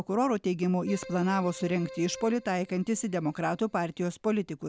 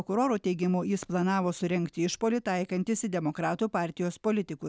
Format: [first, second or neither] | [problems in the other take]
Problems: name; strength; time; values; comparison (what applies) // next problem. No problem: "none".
second | background sound (Keyboard (musical)); 18 dB below the speech